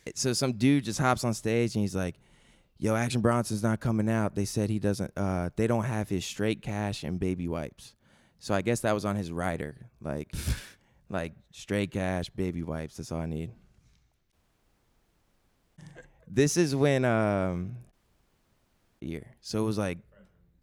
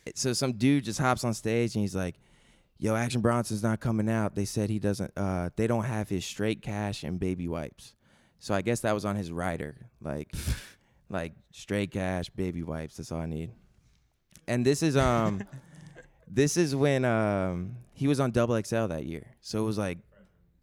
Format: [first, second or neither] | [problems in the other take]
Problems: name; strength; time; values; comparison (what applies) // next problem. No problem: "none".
second | audio cutting out; at 14 s for 1.5 s and at 18 s for 1 s